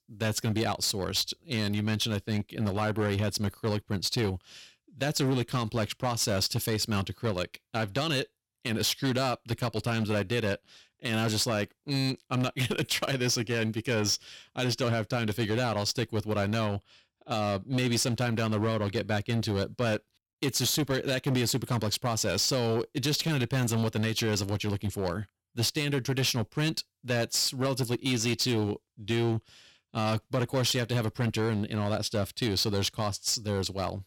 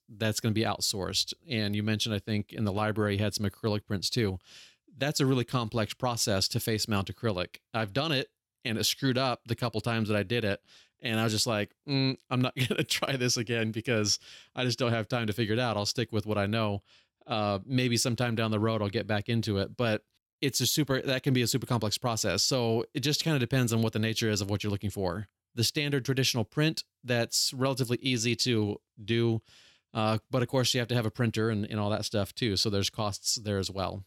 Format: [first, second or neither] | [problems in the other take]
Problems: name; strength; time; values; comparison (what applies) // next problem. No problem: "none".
second | distortion; slight; 10% of the sound clipped